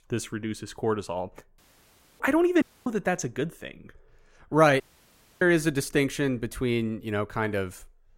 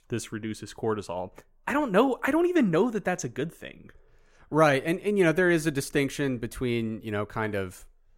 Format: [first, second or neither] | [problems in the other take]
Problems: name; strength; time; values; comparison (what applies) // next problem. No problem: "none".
second | audio cutting out; at 1.5 s for 0.5 s, at 2.5 s and at 5 s for 0.5 s